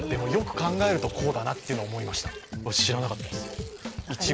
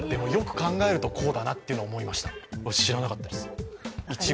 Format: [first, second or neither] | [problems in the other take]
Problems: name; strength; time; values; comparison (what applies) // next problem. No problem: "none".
second | background sound (Tearing); 20 dB below the speech